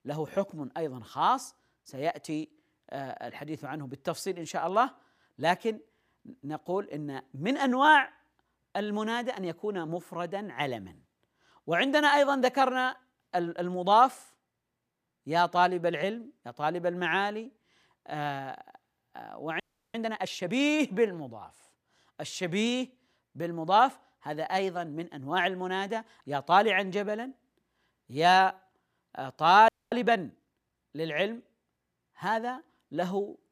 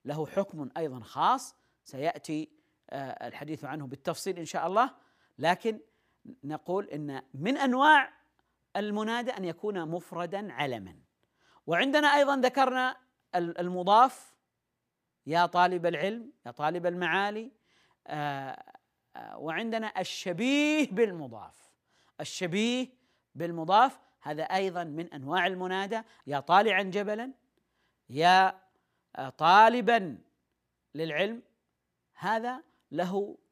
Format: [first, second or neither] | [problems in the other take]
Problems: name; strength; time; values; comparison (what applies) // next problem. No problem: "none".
second | audio freezing; at 20 s and at 30 s